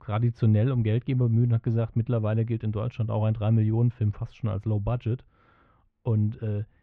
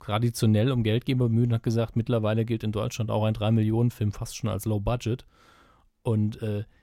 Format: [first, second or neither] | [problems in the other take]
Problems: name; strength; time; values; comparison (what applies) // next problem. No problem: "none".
second | muffled; very; fading above 2.5 kHz